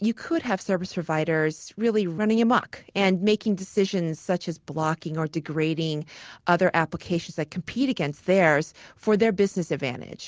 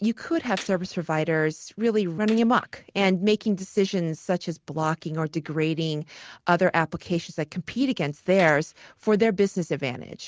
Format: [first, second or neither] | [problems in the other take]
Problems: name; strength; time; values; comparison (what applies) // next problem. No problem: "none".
first | noise reduction (neural mask model RNNoise)